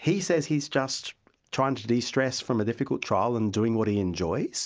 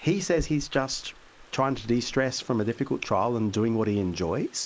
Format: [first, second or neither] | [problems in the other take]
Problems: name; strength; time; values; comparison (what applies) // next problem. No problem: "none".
first | noise reduction (neural mask model Resemble Enhance denoiser)